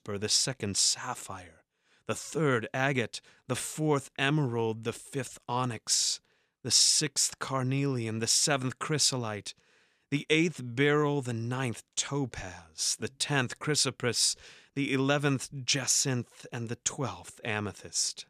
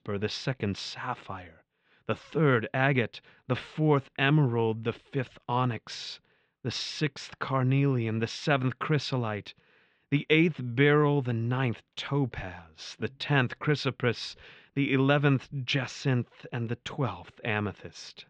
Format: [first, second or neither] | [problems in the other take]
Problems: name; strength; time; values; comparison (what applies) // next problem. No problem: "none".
first | muffled; very; fading above 3.5 kHz